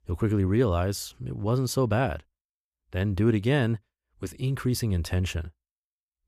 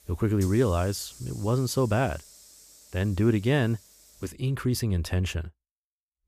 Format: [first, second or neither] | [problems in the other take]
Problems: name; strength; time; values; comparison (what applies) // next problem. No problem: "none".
first | hiss; faint; until 4.5 s; 20 dB below the speech